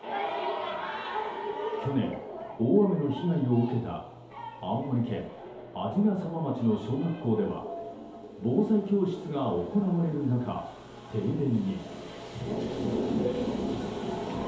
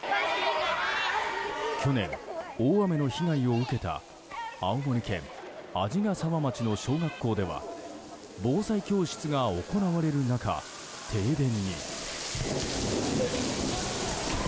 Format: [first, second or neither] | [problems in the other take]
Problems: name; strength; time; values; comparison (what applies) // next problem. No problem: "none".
second | room echo; dies away in 2.2 s